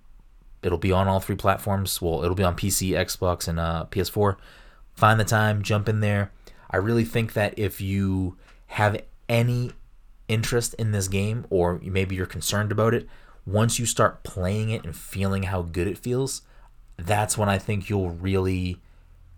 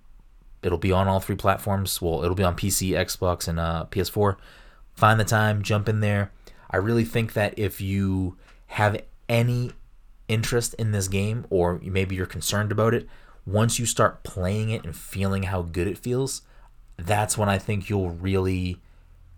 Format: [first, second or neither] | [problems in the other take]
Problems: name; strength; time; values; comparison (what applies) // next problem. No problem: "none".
neither | none